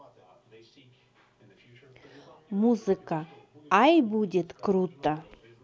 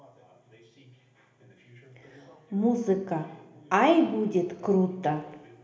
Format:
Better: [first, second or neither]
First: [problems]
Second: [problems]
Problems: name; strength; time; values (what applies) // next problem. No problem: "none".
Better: first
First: none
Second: room echo; dies away in 1 s